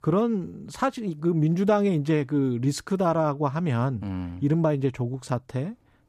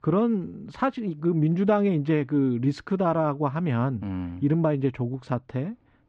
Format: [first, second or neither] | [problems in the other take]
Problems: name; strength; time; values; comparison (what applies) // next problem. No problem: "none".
first | muffled; slightly; fading above 2.5 kHz